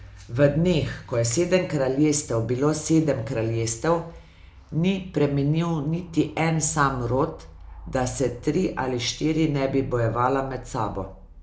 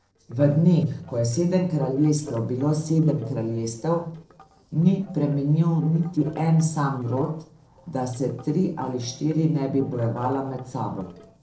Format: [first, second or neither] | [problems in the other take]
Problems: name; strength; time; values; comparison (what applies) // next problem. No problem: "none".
first | noise reduction (neural separator model SepFormer DNS4)